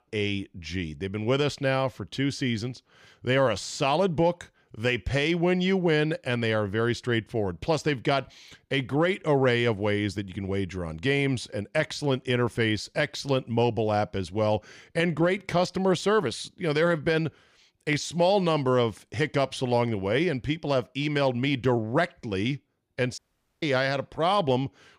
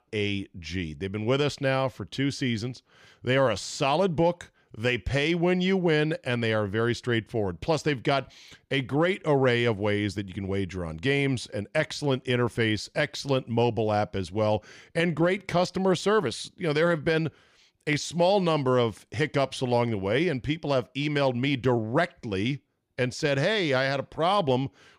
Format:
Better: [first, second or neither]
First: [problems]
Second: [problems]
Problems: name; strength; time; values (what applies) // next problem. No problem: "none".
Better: second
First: audio cutting out; at 23 s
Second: none